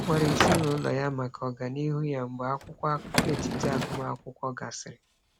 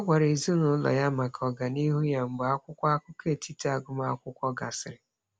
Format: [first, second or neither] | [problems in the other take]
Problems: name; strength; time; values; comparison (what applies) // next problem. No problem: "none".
second | background sound (Sliding door / Wood); 2 dB below the speech